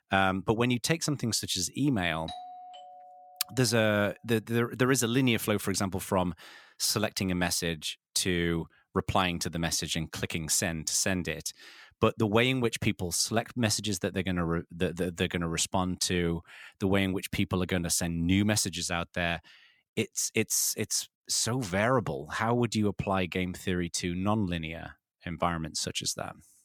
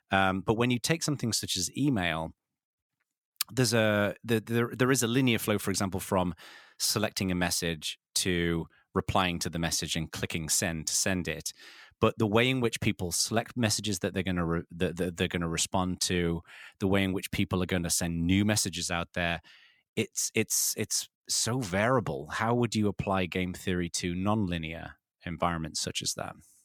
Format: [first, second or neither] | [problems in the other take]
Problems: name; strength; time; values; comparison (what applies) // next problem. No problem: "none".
second | doorbell; faint; from 2.5 to 4 s; peak 15 dB below the speech